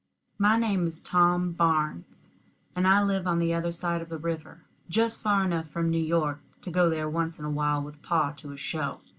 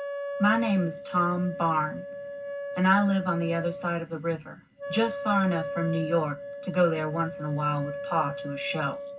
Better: first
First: none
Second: background sound (Wind instrument, woodwind instrument); 8 dB below the speech // room echo; dies away in 0.4 s

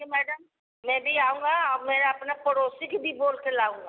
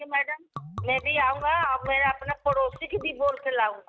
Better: first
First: none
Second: noise reduction (neural mask model RNNoise)

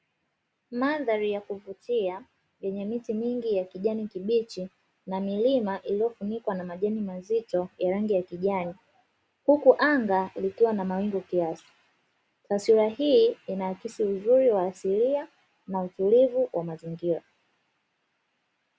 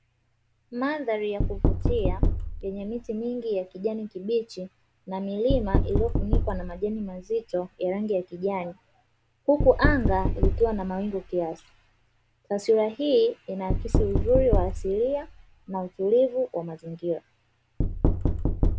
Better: first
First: none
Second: background sound (Knock); 1 dB below the speech

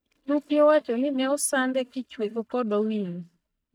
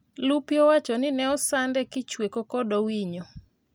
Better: second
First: noise reduction (neural mask model DeepFilterNet 3)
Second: none

